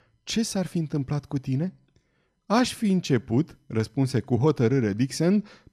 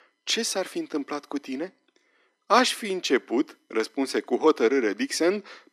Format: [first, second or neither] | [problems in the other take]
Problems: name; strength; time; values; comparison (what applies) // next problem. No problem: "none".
first | thin; somewhat; fading below 300 Hz